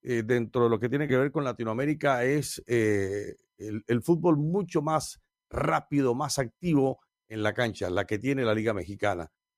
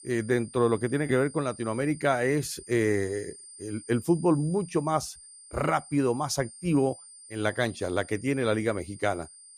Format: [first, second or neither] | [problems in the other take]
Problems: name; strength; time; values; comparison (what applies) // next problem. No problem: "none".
first | high-pitched whine; noticeable; throughout; 9 kHz, 20 dB below the speech